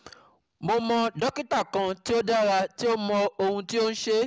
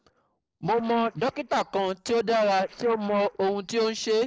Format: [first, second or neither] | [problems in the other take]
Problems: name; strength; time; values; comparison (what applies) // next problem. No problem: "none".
first | noise reduction (neural separator model SepFormer DNS4)